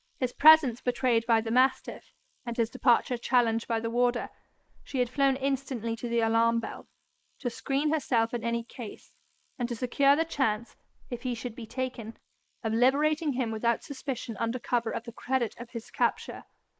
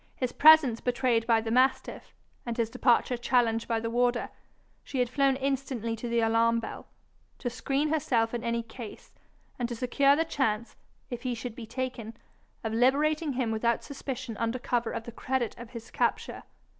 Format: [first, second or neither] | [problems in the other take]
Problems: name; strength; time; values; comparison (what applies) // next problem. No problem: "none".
second | noise reduction (neural mask model Resemble Enhance denoiser)